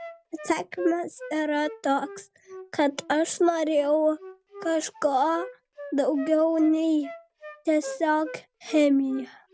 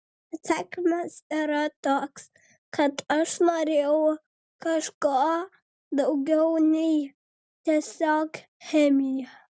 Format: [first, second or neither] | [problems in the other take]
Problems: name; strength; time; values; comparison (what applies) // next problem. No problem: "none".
second | background sound (Wind instrument, woodwind instrument); 17 dB below the speech